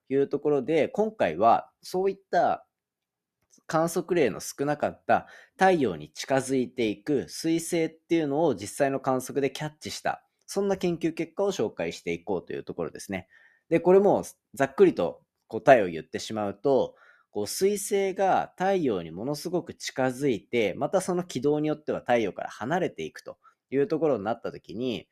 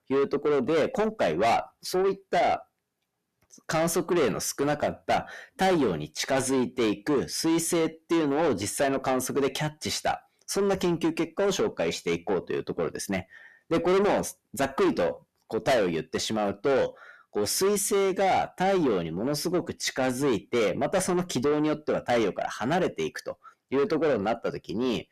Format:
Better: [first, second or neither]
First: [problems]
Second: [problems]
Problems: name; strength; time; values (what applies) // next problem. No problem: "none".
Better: first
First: none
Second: distortion; heavy; 6 dB below the speech